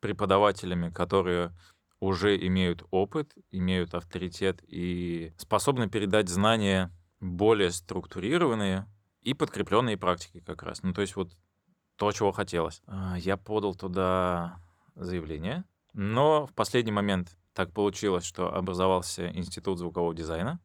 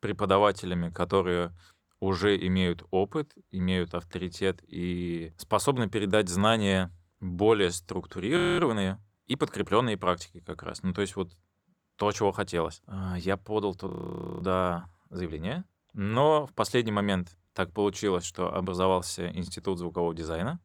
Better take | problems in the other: first | audio freezing; at 8.5 s and at 14 s for 0.5 s

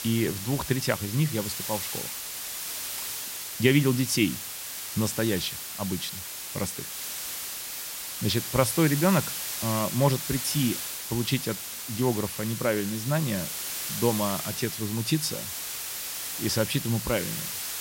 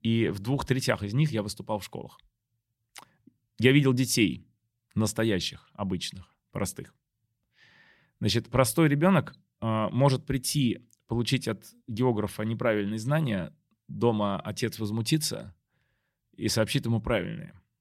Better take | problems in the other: second | hiss; loud; throughout; 4 dB below the speech

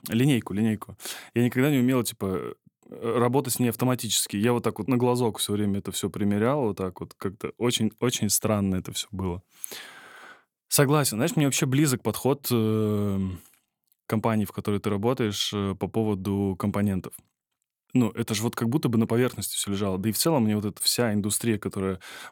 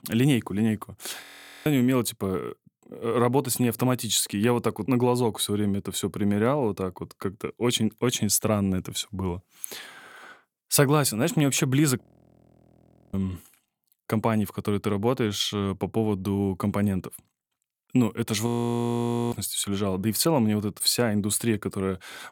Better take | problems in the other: first | audio freezing; at 1 s, at 12 s for 1 s and at 18 s for 1 s

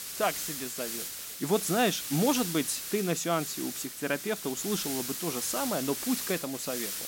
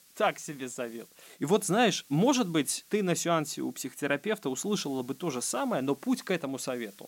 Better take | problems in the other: second | hiss; loud; throughout; 3 dB below the speech; faint in the second

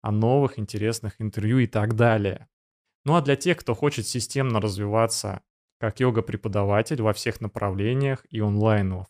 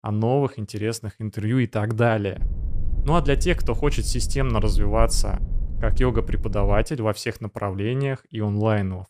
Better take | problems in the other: first | low rumble; faint; from 2.5 to 7 s; 20 dB below the speech

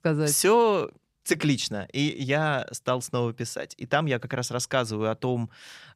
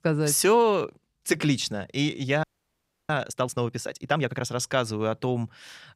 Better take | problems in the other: first | audio freezing; at 2.5 s for 0.5 s

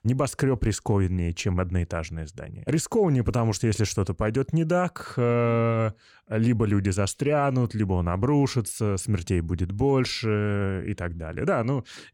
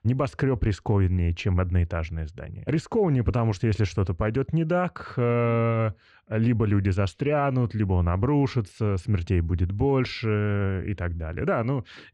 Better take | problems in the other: first | muffled; slightly; fading above 3 kHz

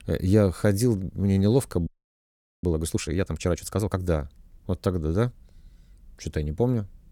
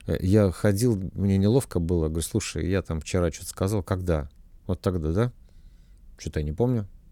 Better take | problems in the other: second | audio freezing; at 2 s for 1 s

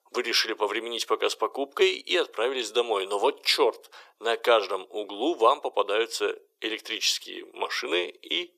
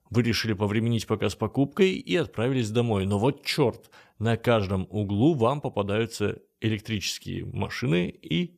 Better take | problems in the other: second | thin; very; fading below 350 Hz

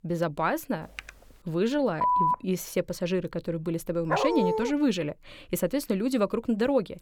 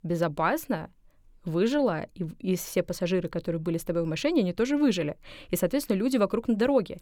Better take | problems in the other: second | keyboard typing; faint; at 1 s; peak 15 dB below the speech // phone ringing; loud; at 2 s; peak 5 dB above the speech // dog barking; loud; at 4 s; peak 2 dB above the speech

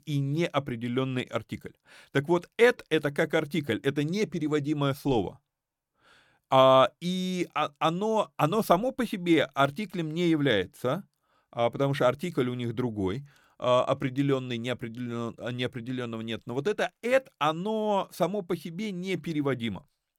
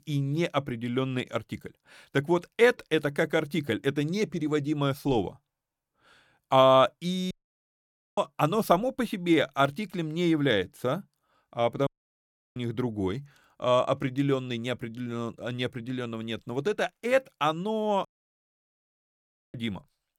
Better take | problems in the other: first | audio cutting out; at 7.5 s for 1 s, at 12 s for 0.5 s and at 18 s for 1.5 s

